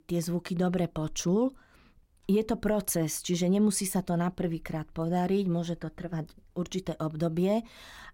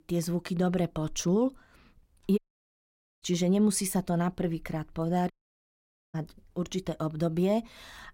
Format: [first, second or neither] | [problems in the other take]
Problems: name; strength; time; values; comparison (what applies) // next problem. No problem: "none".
first | audio cutting out; at 2.5 s for 1 s and at 5.5 s for 1 s